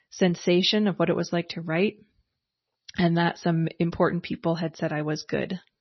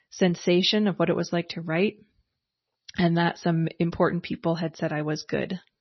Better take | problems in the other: neither | garbled, watery; slightly; nothing above 6 kHz; the same in both

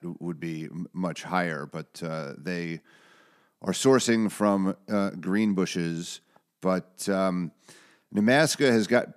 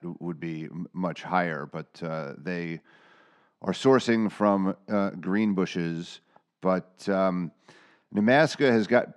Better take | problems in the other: first | muffled; slightly; fading above 4 kHz

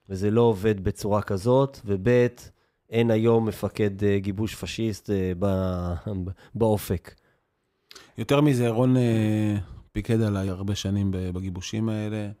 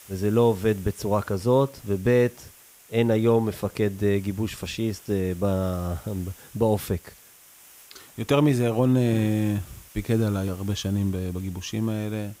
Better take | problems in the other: first | hiss; faint; throughout; 25 dB below the speech

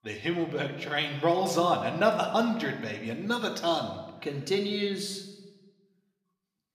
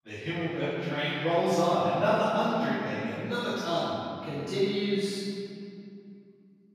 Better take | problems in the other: first | room echo; strong; dies away in 2.4 s; slight in the first // off-mic speech; far; somewhat distant in the first

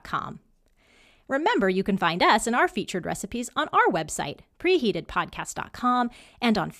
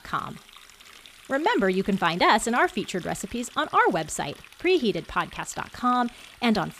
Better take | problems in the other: first | household noises; faint; throughout; 20 dB below the speech

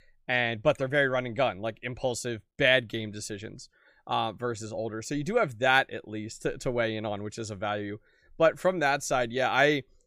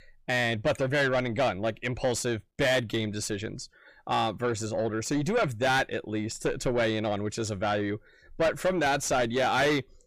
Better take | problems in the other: first | distortion; heavy; 6 dB below the speech

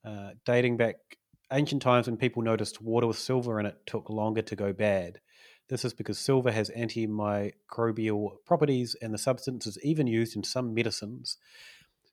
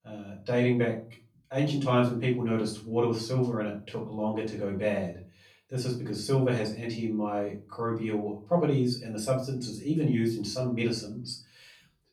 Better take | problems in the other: first | off-mic speech; far // room echo; slight; dies away in 0.4 s

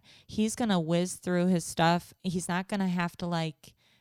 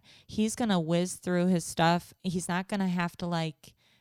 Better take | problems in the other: neither | none

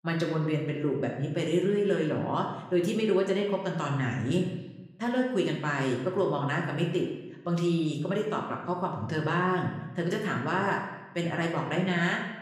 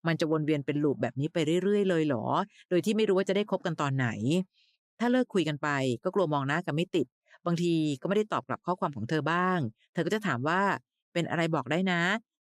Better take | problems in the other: second | room echo; noticeable; dies away in 0.9 s // off-mic speech; somewhat distant

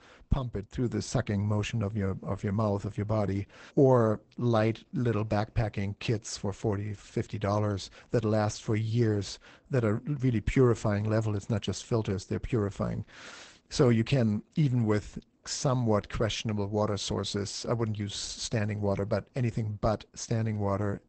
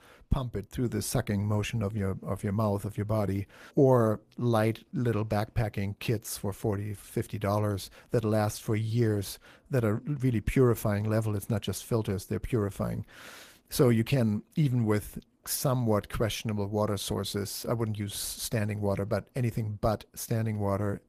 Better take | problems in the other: second | garbled, watery; badly; nothing above 8 kHz; slightly in the second

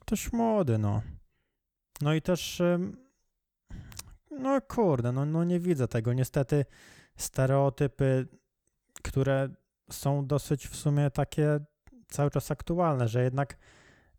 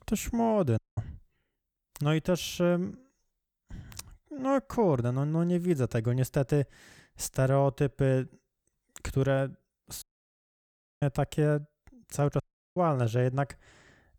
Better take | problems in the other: first | audio cutting out; at 1 s, at 10 s for 1 s and at 12 s

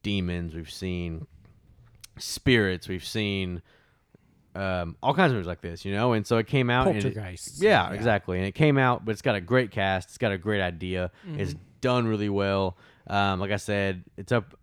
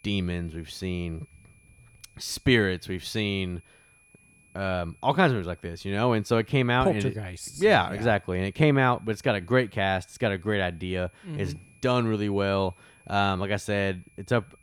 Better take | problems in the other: first | high-pitched whine; faint; throughout; 2.5 kHz, 30 dB below the speech

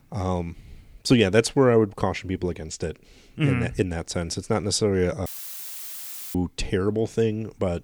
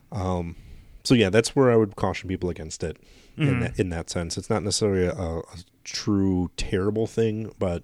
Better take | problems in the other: second | audio cutting out; filled with static; at 5.5 s for 1 s

